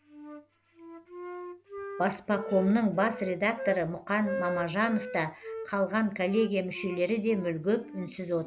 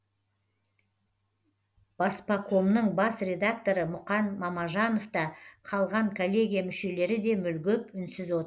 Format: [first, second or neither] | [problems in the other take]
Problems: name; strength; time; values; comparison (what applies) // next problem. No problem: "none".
second | background sound (Wind instrument, woodwind instrument); 11 dB below the speech